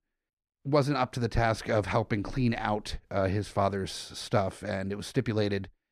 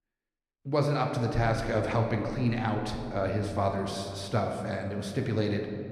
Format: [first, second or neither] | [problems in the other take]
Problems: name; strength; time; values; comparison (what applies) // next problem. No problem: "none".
first | room echo; slight; dies away in 1.9 s